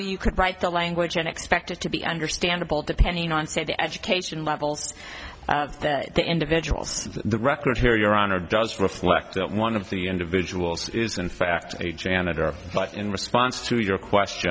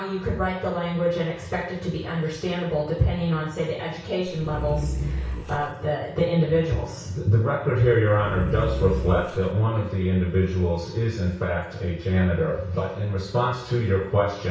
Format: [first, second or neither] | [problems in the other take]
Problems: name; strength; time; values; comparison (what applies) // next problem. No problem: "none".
first | background sound (Growling); 4 dB below the speech // room echo; dies away in 0.6 s